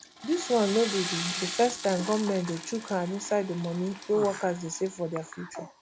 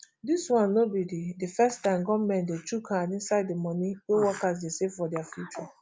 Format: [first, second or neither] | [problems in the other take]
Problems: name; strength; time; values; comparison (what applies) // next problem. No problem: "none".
second | background sound (Toilet flush / Water); 10 dB below the speech